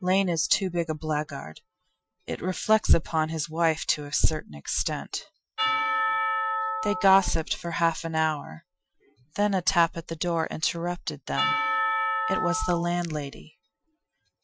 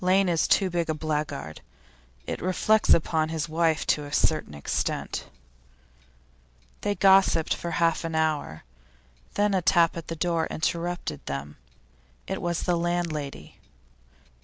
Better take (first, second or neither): second